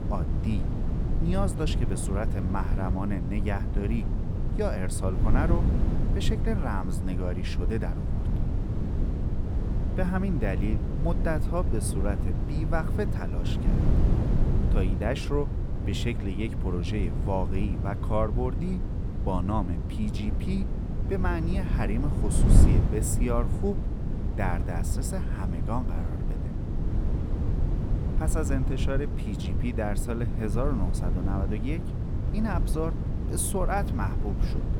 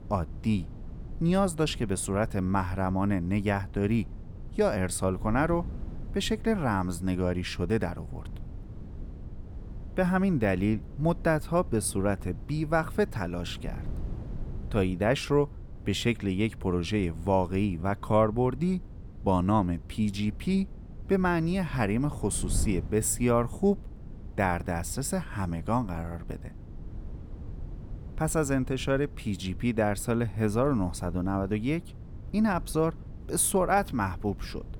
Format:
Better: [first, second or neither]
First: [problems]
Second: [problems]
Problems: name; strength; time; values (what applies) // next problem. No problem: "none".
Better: second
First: wind noise on the microphone; heavy; 5 dB below the speech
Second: wind noise on the microphone; occasional gusts; 25 dB below the speech